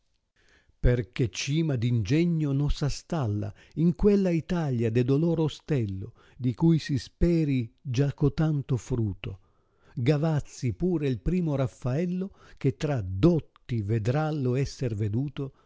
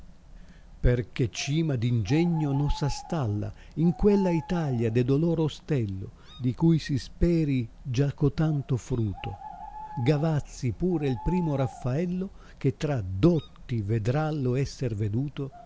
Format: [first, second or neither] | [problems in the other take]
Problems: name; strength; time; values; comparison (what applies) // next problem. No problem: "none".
first | background sound (Bird); 18 dB below the speech